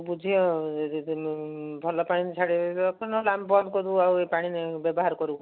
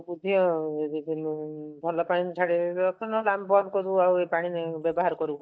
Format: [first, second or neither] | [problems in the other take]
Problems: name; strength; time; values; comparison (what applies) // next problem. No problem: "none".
first | noise reduction (neural mask model DeepFilterNet 3)